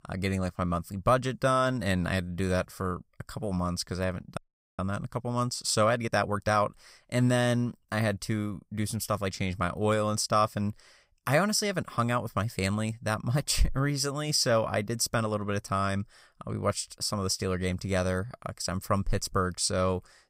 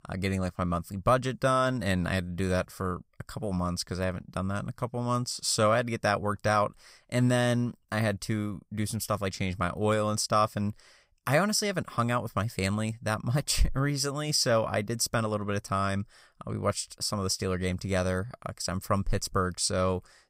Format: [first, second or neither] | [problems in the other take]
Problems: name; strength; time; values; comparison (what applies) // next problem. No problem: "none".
second | audio freezing; at 4.5 s